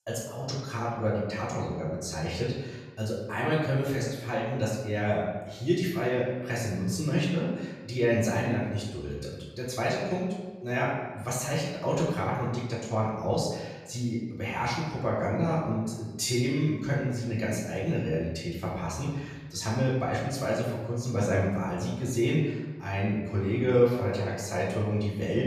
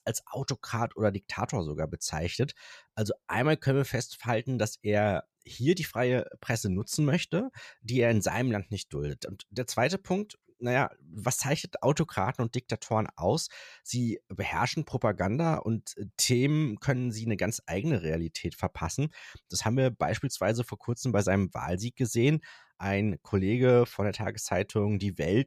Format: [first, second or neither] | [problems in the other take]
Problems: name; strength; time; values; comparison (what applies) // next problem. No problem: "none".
second | room echo; noticeable; dies away in 1 s // off-mic speech; far